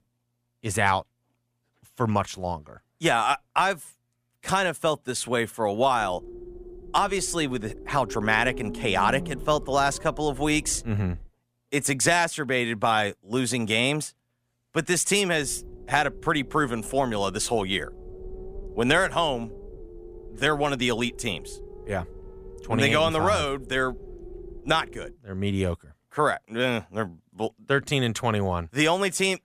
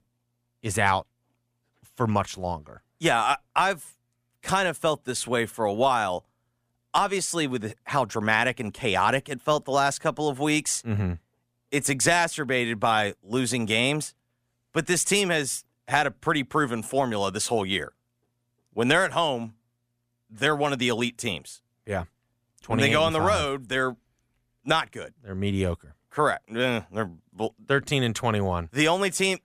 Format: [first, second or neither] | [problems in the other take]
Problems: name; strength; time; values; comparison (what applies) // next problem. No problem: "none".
second | low rumble; faint; from 6 to 11 s and from 15 to 25 s; 20 dB below the speech